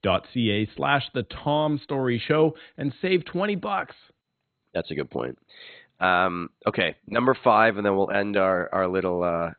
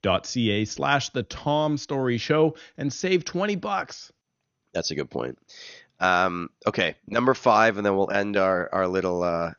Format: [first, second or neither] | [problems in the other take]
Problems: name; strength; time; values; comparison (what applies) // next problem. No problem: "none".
second | garbled, watery; badly; nothing above 4 kHz; slightly in the second